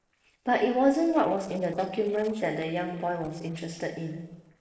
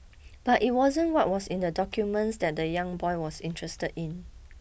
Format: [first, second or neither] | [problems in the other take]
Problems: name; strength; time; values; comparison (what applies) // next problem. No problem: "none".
second | noise reduction (neural separator model SepFormer DNS4)